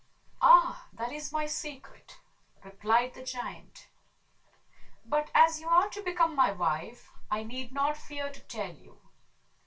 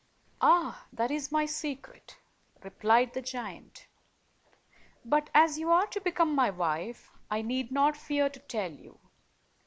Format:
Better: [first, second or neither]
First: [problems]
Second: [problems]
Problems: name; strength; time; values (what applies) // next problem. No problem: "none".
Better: second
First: room echo; dies away in 0.2 s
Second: none